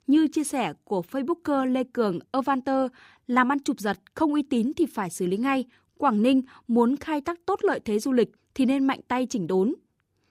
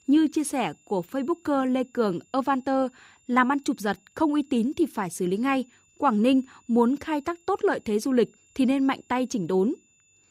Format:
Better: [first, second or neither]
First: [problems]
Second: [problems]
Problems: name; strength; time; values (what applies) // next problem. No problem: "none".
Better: first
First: none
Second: high-pitched whine; faint; throughout; 7 kHz, 35 dB below the speech